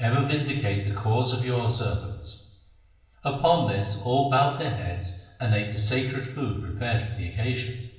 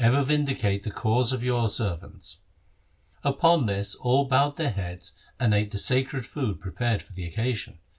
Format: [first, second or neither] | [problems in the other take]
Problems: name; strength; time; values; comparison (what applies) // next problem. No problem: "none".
second | room echo; dies away in 1 s